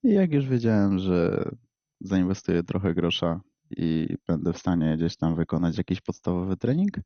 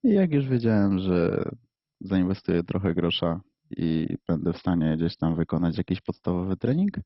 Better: first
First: garbled, watery; slightly; nothing above 6.5 kHz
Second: garbled, watery; badly; nothing above 5.5 kHz

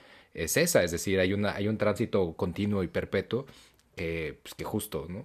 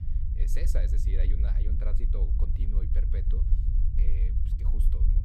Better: first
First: none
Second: low rumble; loud; throughout; 1 dB below the speech

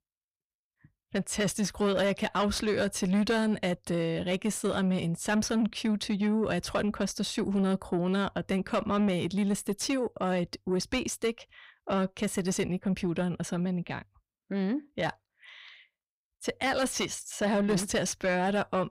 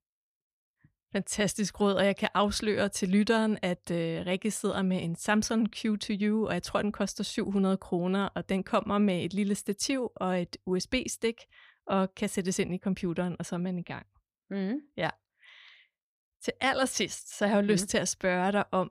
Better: second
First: distortion; slight; 10 dB below the speech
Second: none

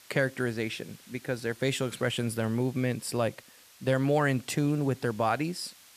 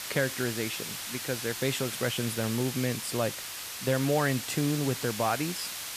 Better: first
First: hiss; faint; throughout; 25 dB below the speech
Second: hiss; loud; throughout; 4 dB below the speech

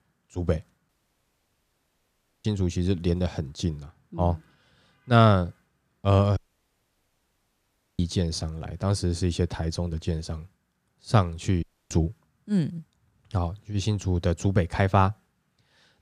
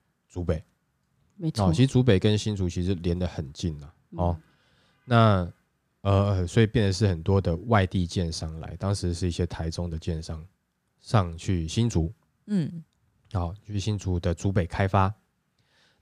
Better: second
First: audio cutting out; at 1 s for 1.5 s, at 6.5 s for 1.5 s and at 12 s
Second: none

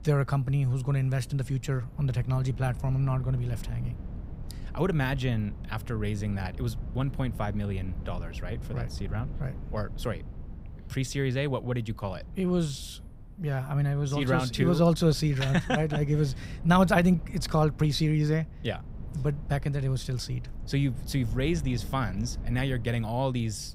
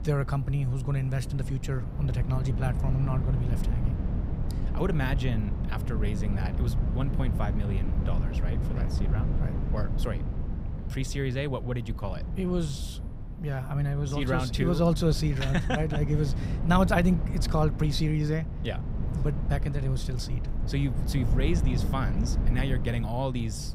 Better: first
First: wind noise on the microphone; occasional gusts; 20 dB below the speech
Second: wind noise on the microphone; heavy; 9 dB below the speech

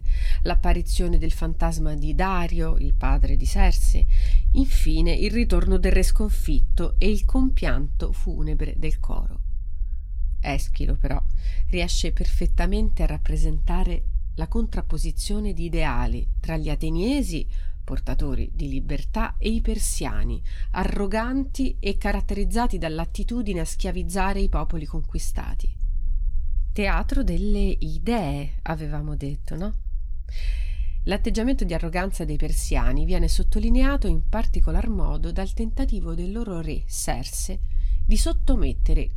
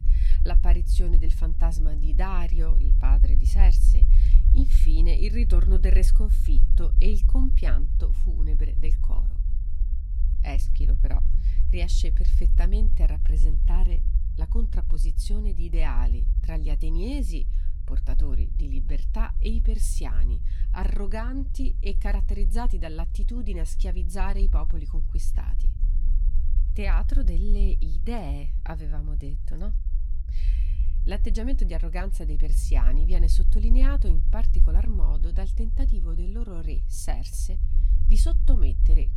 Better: first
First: low rumble; faint; throughout; 20 dB below the speech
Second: low rumble; loud; throughout; 9 dB below the speech

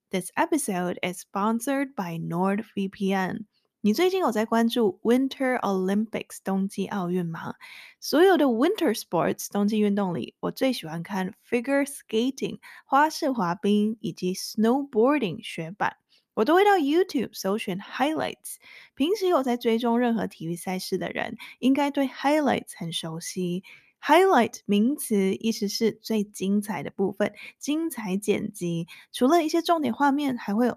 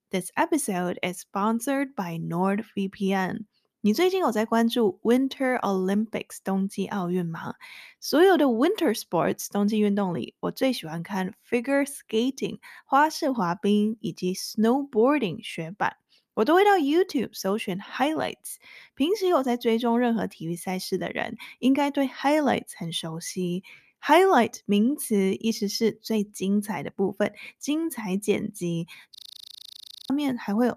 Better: first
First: none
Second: audio freezing; at 29 s for 1 s

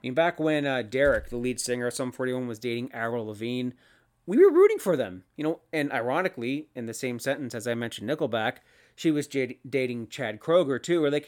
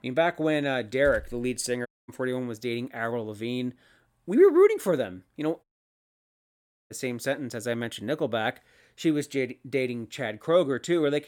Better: first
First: none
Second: audio cutting out; at 2 s and at 5.5 s for 1.5 s

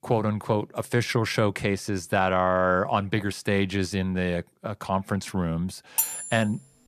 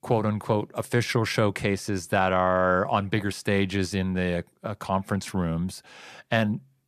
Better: second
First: clattering dishes; loud; at 6 s; peak 1 dB above the speech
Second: none

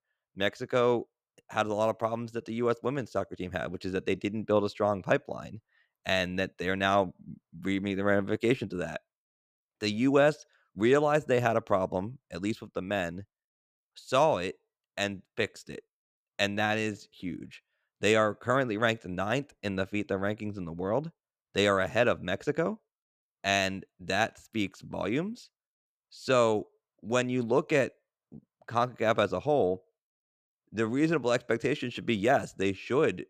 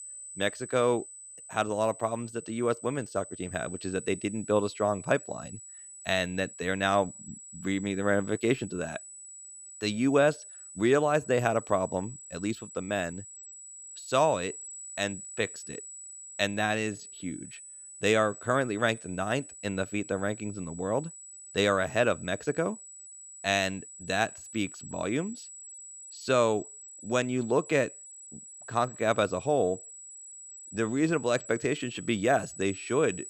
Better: first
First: none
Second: high-pitched whine; noticeable; throughout; 8 kHz, 15 dB below the speech

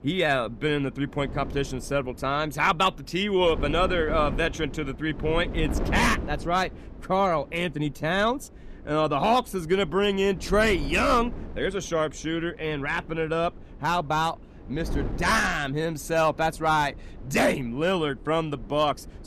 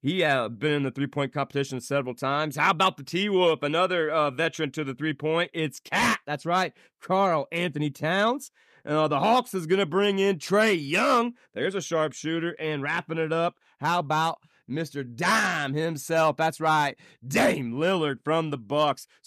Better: second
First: wind noise on the microphone; occasional gusts; 20 dB below the speech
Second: none

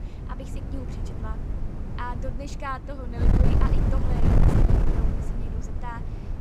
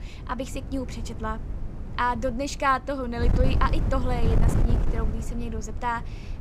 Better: second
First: wind noise on the microphone; heavy; 1 dB above the speech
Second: wind noise on the microphone; occasional gusts; 10 dB below the speech

